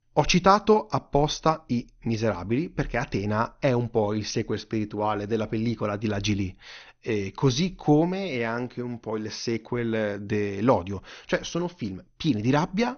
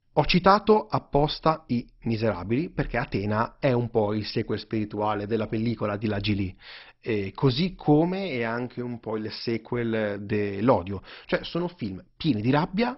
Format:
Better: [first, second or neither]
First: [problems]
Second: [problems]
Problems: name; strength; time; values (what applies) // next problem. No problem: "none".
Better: first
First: garbled, watery; slightly; nothing above 6.5 kHz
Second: garbled, watery; badly; nothing above 5.5 kHz